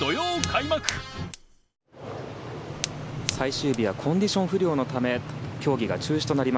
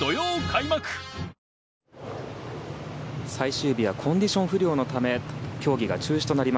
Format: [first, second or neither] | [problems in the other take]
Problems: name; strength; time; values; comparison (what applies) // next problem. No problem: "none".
second | background sound (Fire); 11 dB below the speech